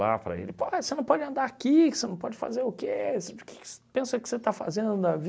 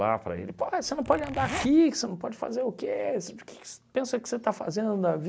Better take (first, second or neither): first